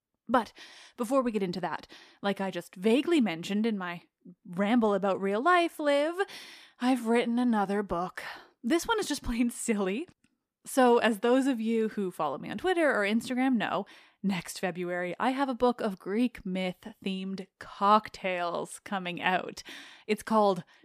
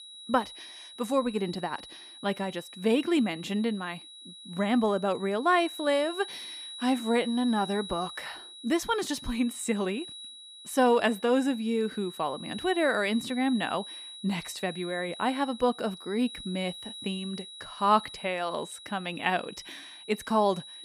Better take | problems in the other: first | high-pitched whine; noticeable; throughout; 4 kHz, 15 dB below the speech

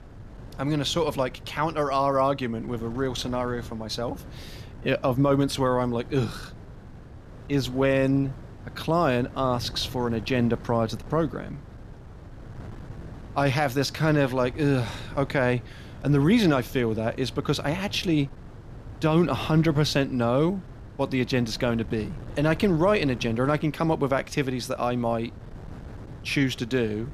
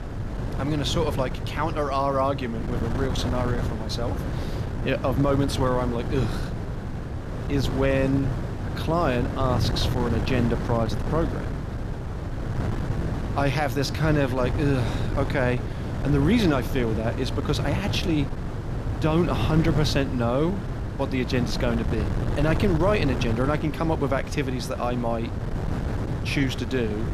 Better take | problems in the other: first | wind noise on the microphone; heavy; 8 dB below the speech; occasional gusts in the first

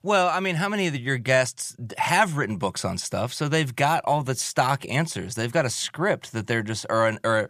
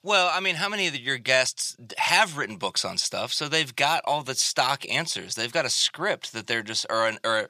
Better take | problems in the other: first | thin; somewhat; fading below 950 Hz

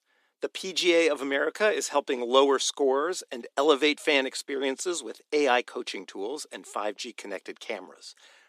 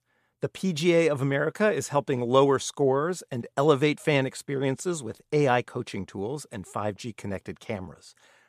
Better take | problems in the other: second | thin; very slightly; fading below 250 Hz

